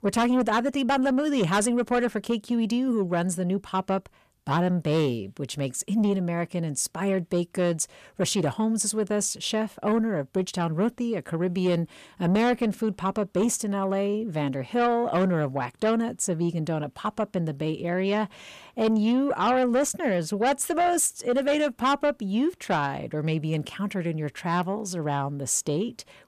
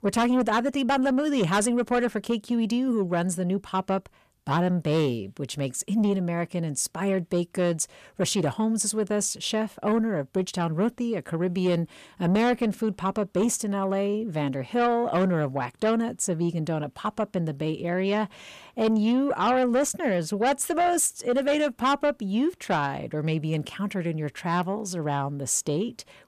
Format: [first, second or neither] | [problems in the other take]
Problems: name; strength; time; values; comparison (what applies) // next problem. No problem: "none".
neither | distortion; slight; 10 dB below the speech; the same in both